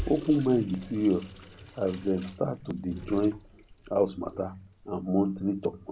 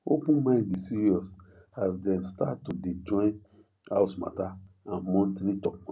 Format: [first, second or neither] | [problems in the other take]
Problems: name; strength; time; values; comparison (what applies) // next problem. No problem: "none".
second | background sound (Sink (filling or washing) / Water tap, faucet); 17 dB below the speech